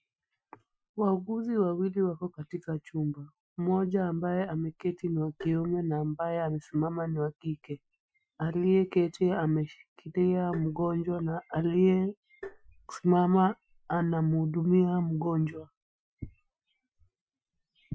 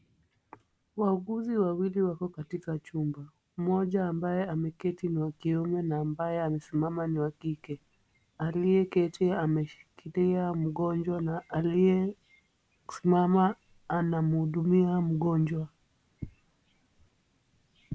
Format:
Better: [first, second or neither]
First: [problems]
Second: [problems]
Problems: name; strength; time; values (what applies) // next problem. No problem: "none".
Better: second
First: noise reduction (classical method Wiener filter)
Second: none